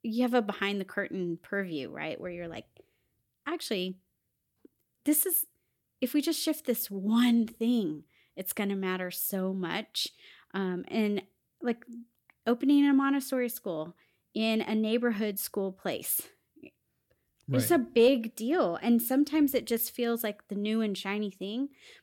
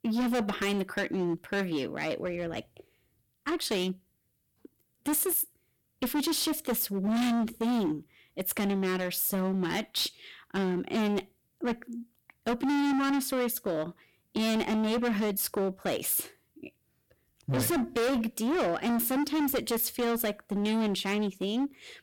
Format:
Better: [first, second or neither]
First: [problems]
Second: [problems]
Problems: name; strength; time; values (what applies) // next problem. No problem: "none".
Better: first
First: none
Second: distortion; heavy; 21% of the sound clipped